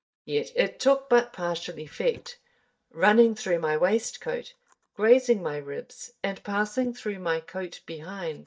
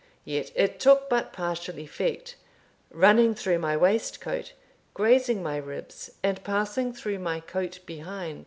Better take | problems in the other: second | noise reduction (neural mask model DeepFilterNet 3)

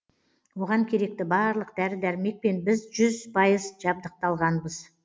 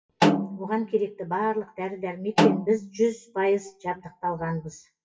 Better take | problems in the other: first | noise reduction (classical method WPE with log-MMSE)

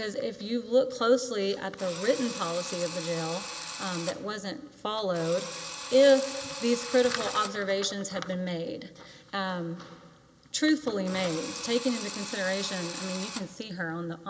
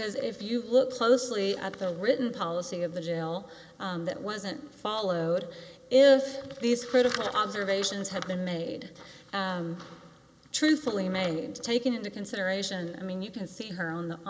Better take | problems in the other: second | background sound (Drill); 10 dB below the speech

